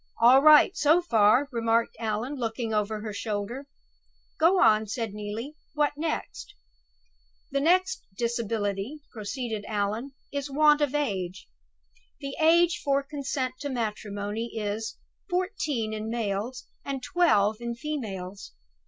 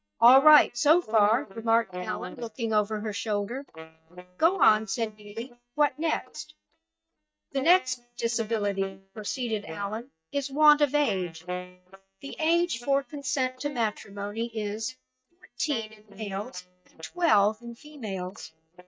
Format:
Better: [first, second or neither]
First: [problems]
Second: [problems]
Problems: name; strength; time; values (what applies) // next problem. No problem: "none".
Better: first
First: none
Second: noise reduction (neural mask model DeepFilterNet 3)